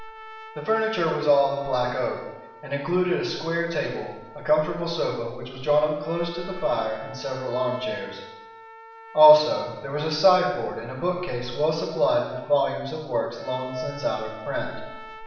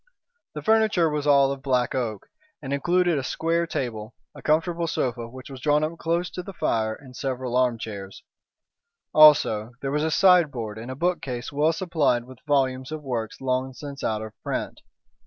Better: second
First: background sound (Trumpet); 19 dB below the speech // room echo; dies away in 0.9 s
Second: none

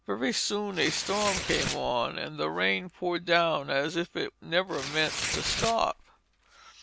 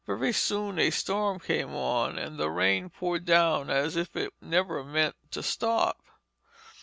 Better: second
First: background sound (Tearing); 8 dB below the speech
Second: none

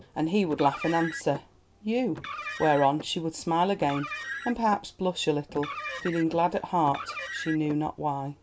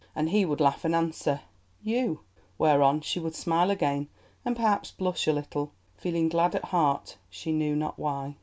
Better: second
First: background sound (Car); 12 dB below the speech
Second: none

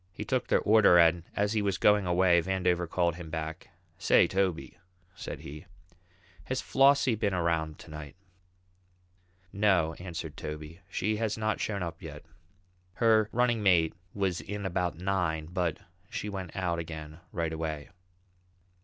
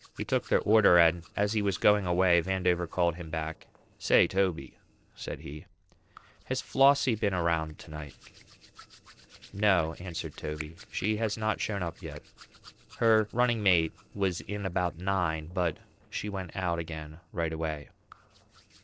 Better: first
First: none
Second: noise reduction (neural separator model SepFormer DNS4)

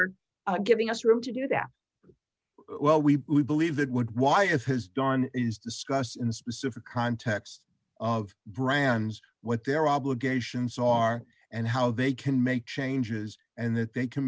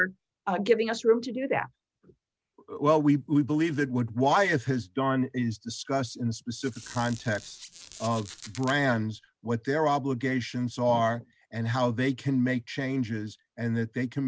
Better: first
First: none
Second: background sound (Squeak); 18 dB below the speech

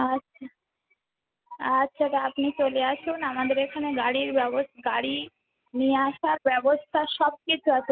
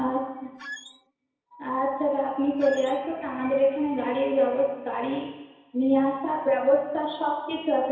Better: first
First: none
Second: background sound (Squeak); 15 dB below the speech // room echo; dies away in 1 s

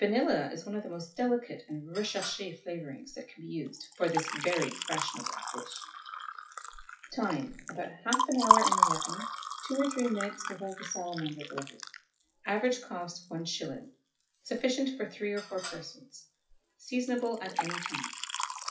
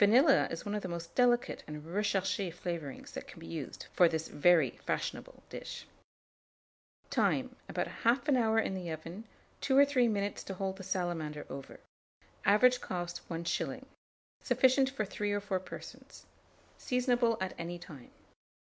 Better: second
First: noise reduction (classical method WPE with log-MMSE)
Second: none

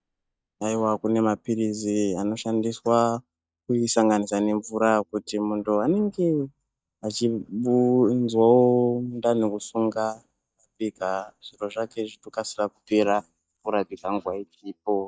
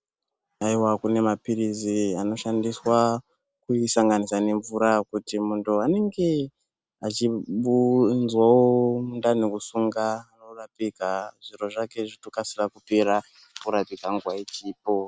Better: second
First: noise reduction (neural mask model DeepFilterNet 3)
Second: none

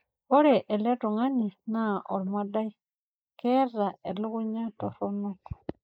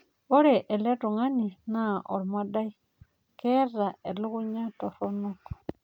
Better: second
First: noise reduction (neural mask model Resemble Enhance denoiser)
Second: none

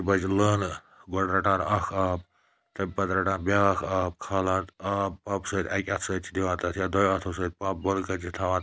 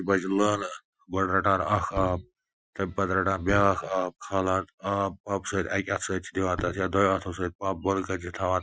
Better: first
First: none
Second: noise reduction (classical method Wiener filter)

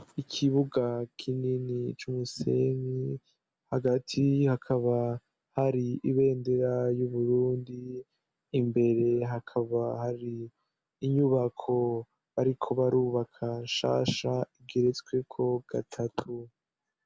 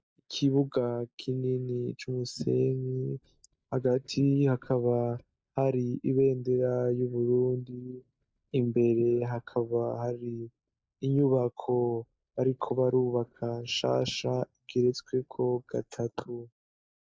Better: first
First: none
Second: noise reduction (neural mask model DeepFilterNet 3)

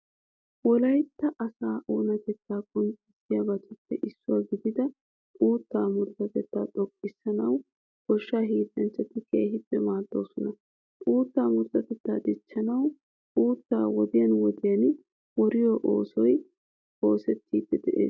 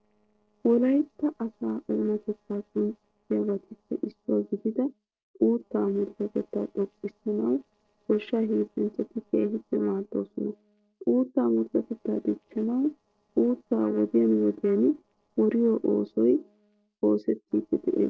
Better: first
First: none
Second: noise reduction (neural separator model SepFormer DNS4)

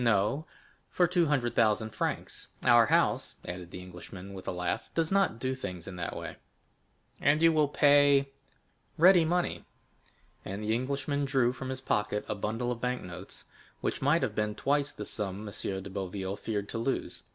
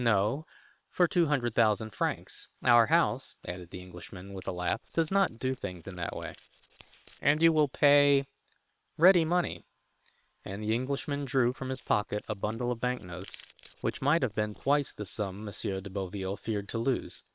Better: first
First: none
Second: noise reduction (neural separator model SepFormer WHAM!)

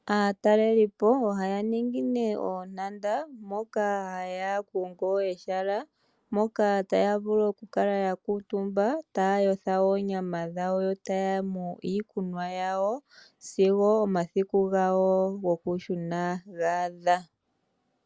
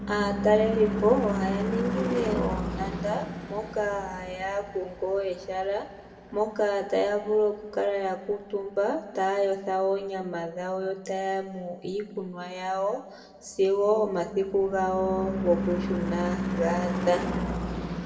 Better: first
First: none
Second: background sound (Car passing by / Engine / Truck); 6 dB below the speech // room echo; dies away in 1.5 s

